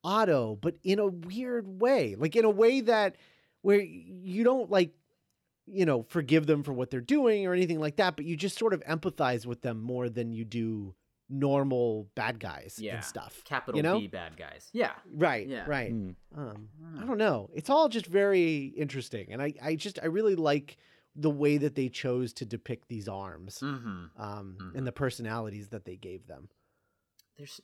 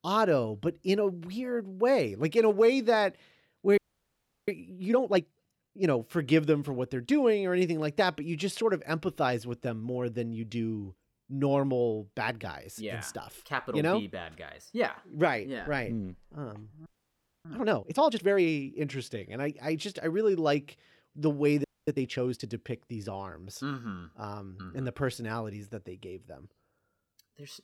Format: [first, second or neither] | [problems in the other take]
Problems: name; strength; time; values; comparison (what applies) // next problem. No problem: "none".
first | audio freezing; at 4 s for 0.5 s, at 17 s for 0.5 s and at 22 s